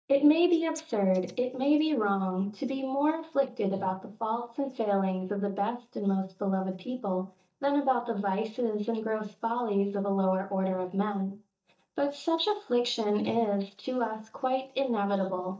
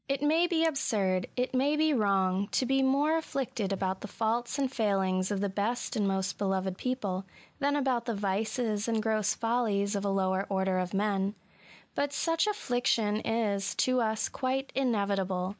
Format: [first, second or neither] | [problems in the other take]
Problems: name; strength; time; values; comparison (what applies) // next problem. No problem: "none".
second | noise reduction (neural mask model DeepFilterNet 3)